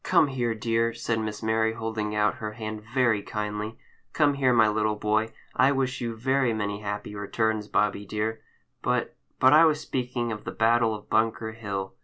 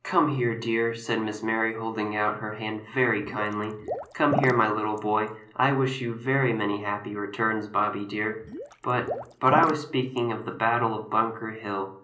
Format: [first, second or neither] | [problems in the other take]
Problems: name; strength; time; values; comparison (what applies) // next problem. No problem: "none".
first | background sound (Water / Liquid); 10 dB below the speech // room echo; dies away in 0.5 s